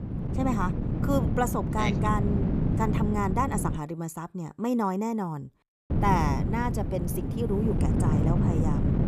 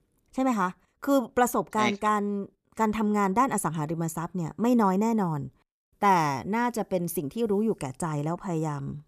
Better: second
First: wind noise on the microphone; heavy; until 4 s and from 6 s on; 5 dB below the speech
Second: none

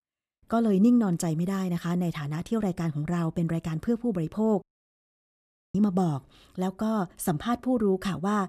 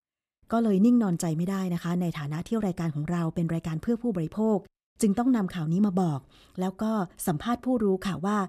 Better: second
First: audio cutting out; at 4.5 s for 1 s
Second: none

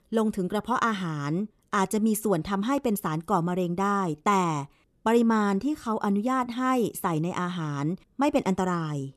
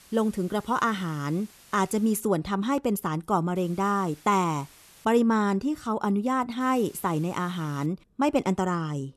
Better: first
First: none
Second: hiss; faint; until 2 s, from 3.5 to 5 s and from 6.5 to 8 s; 25 dB below the speech

